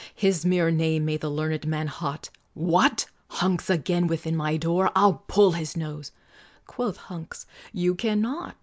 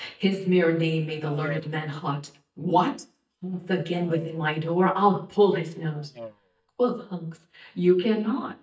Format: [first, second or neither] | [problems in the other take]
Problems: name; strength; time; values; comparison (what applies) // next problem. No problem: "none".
first | noise reduction (neural mask model DeepFilterNet 3)